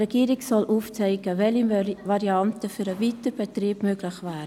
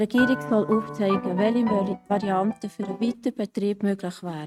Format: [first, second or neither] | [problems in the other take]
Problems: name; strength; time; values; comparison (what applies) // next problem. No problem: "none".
first | noise reduction (neural mask model RNNoise)